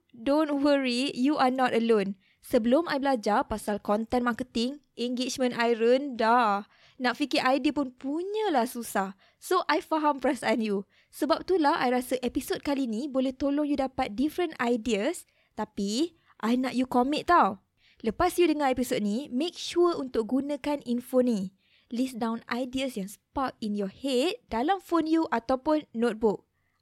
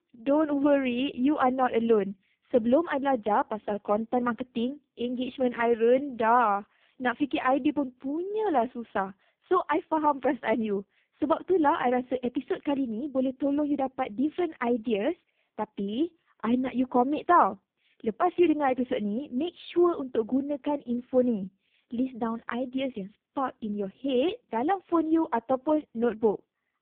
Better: first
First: none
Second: phone-call audio; poor line

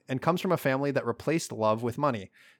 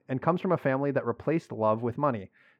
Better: first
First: none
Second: muffled; very; fading above 3.5 kHz

